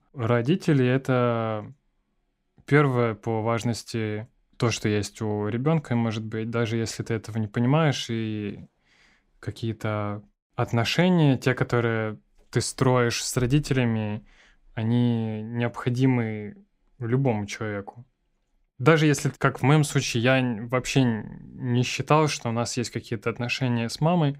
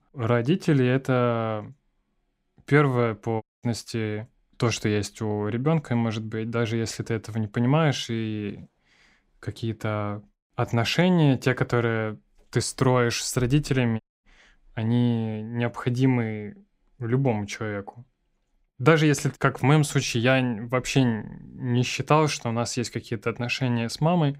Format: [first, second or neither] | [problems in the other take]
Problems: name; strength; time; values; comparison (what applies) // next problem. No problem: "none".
first | audio cutting out; at 3.5 s and at 14 s